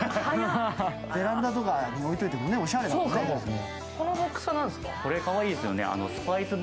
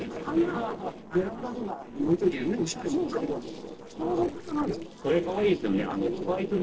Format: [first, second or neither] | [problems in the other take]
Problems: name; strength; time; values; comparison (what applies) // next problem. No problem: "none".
first | noise reduction (neural separator model SepFormer DNS4)